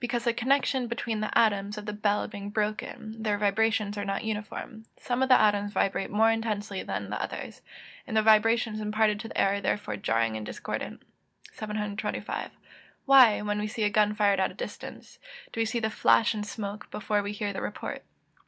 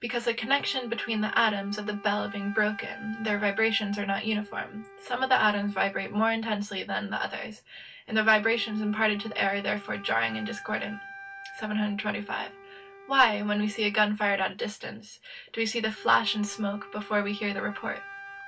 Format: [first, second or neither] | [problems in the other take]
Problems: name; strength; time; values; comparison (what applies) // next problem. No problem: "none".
first | background sound (Wind instrument, woodwind instrument); 17 dB below the speech // room echo; dies away in 0.1 s